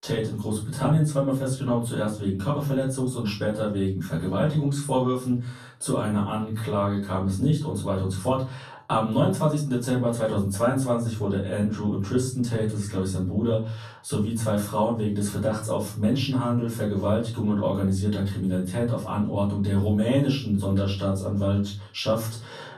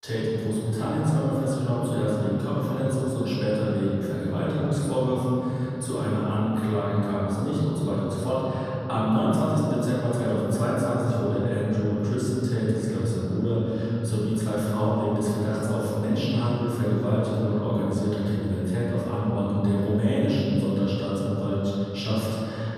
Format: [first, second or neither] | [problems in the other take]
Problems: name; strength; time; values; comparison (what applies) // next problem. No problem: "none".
first | room echo; strong; dies away in 3 s; slight in the first // off-mic speech; far; far in the first